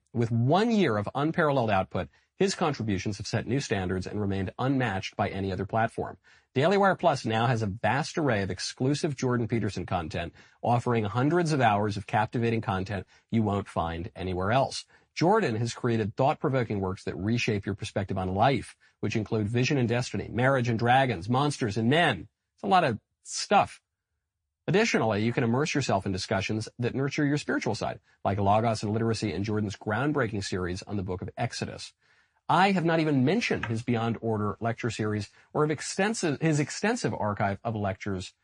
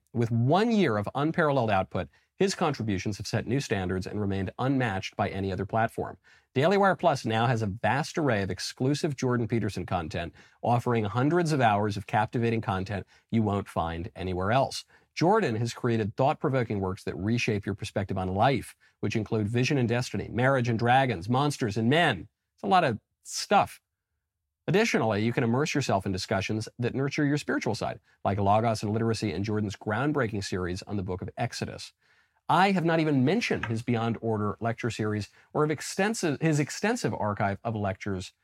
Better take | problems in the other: second | garbled, watery; slightly; nothing above 9 kHz

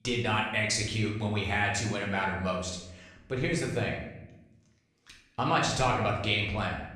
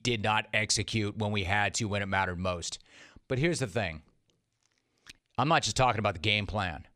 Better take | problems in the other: second | room echo; noticeable; dies away in 0.8 s // off-mic speech; far

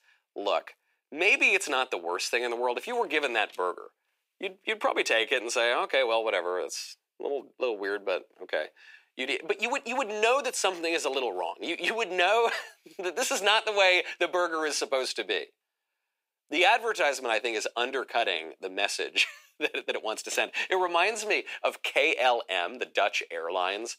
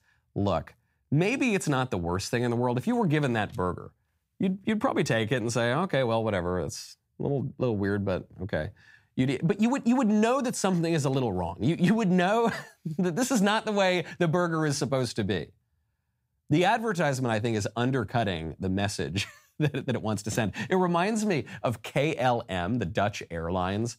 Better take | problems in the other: second | thin; very; fading below 400 Hz

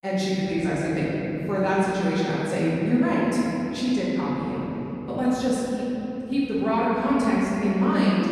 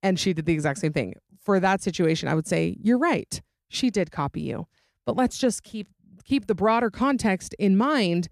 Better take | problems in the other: second | room echo; strong; dies away in 3 s // off-mic speech; far

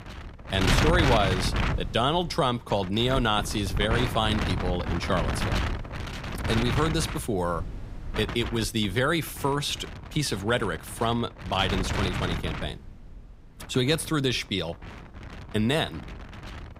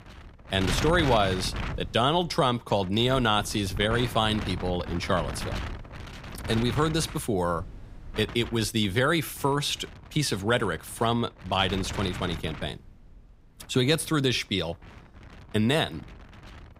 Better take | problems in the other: second | wind noise on the microphone; heavy; 5 dB below the speech; occasional gusts in the second

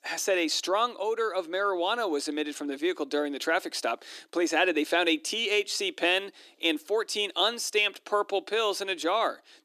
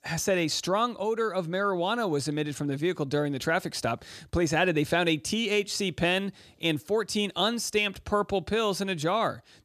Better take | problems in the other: second | thin; somewhat; fading below 300 Hz

